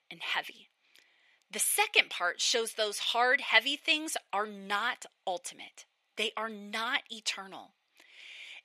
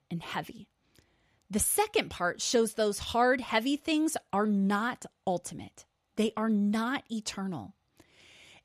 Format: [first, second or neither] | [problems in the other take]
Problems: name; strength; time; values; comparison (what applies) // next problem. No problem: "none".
second | thin; very; fading below 550 Hz